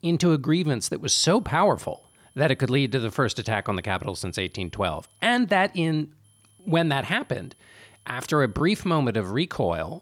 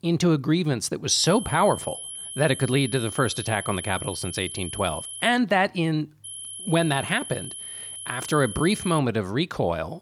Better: first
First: high-pitched whine; faint; from 1 to 5.5 s and from 6 to 9 s; 11 kHz, 35 dB below the speech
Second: high-pitched whine; loud; from 1 to 5.5 s and from 6 to 9 s; 11 kHz, 10 dB below the speech

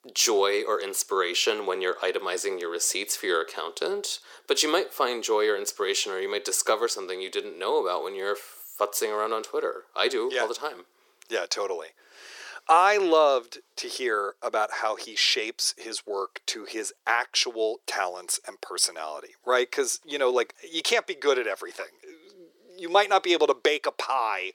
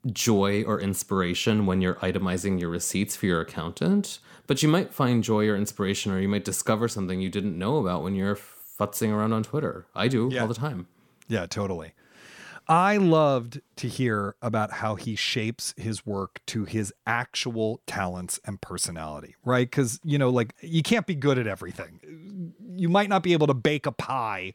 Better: second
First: thin; very; fading below 350 Hz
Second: none

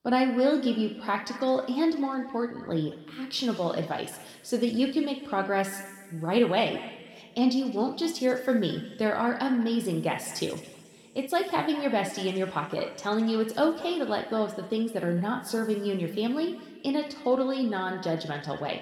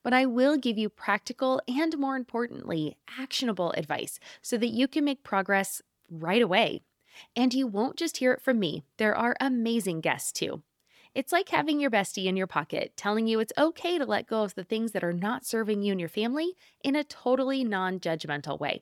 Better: second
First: room echo; noticeable; dies away in 2.1 s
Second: none

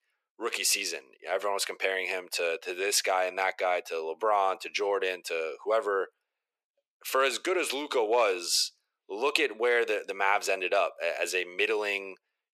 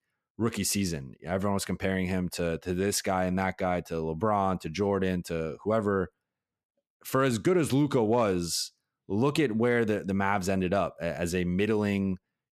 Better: second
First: thin; very; fading below 400 Hz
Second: none

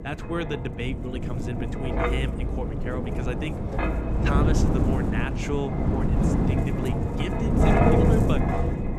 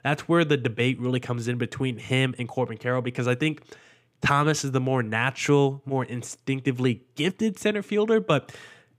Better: second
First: wind noise on the microphone; heavy; 4 dB above the speech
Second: none

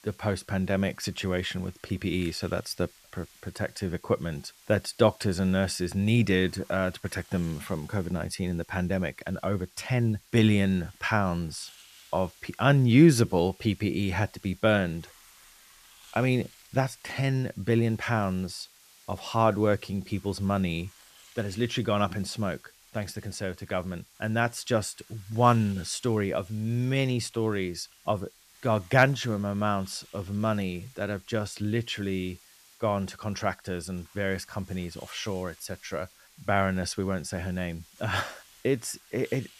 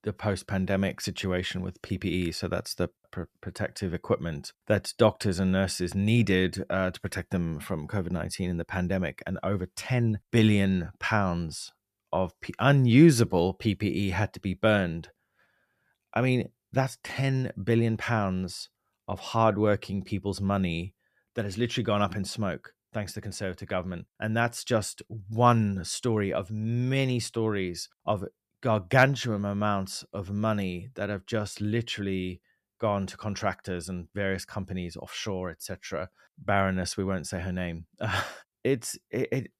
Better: second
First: hiss; faint; throughout; 25 dB below the speech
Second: none

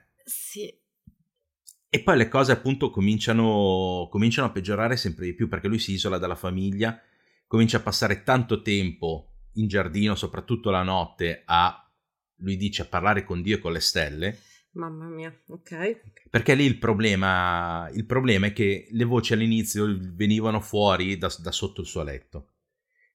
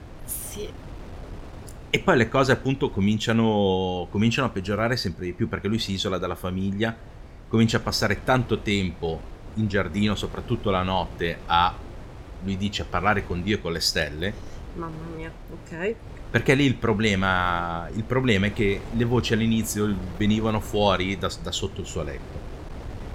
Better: first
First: none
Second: wind noise on the microphone; occasional gusts; 20 dB below the speech

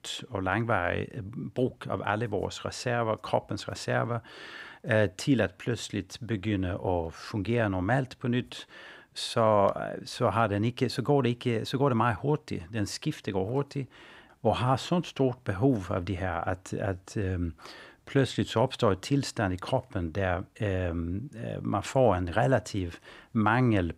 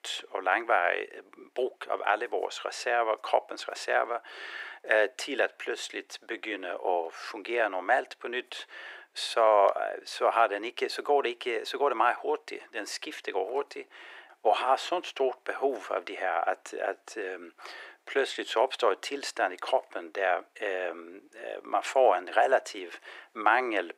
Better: first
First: none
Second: thin; very; fading below 350 Hz

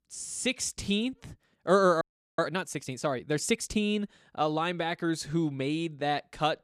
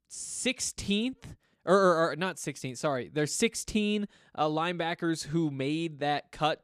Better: second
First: audio freezing; at 2 s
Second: none

